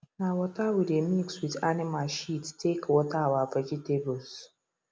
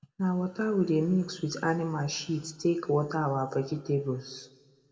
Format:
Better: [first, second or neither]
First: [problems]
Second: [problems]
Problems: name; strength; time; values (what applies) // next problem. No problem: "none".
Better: first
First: none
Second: room echo; dies away in 1 s